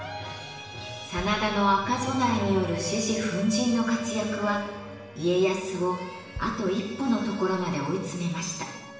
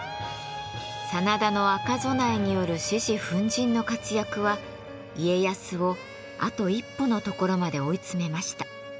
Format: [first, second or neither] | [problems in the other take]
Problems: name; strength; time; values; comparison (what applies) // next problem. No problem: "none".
second | background sound (Bass drum); 19 dB below the speech // room echo; dies away in 0.9 s